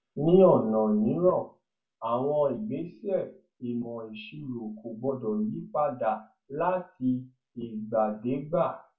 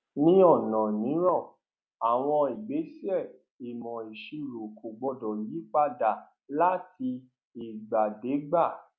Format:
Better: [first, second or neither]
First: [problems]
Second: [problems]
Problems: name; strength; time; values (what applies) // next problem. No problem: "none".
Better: second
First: room echo; dies away in 0.1 s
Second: none